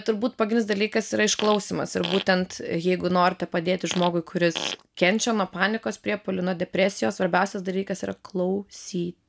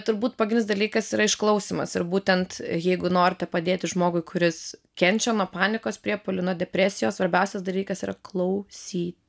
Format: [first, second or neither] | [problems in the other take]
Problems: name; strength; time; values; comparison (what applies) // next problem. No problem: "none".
second | background sound (Fart); 10 dB below the speech